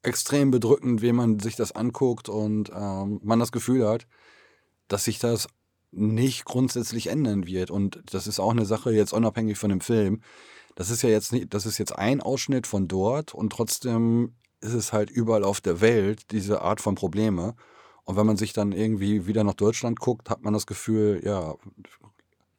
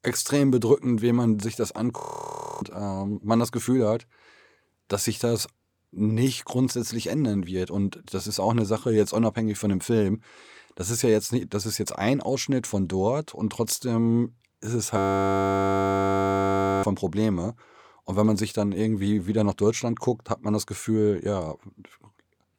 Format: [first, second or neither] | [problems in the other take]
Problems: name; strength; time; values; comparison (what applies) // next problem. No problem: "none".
first | audio freezing; at 2 s for 0.5 s and at 15 s for 2 s